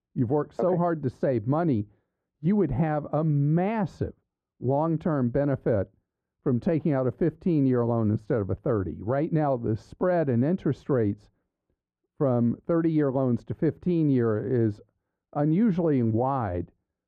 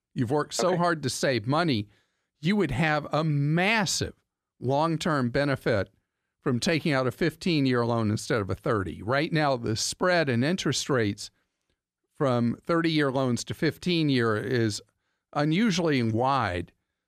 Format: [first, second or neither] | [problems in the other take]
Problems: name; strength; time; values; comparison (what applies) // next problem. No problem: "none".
second | muffled; very; fading above 2 kHz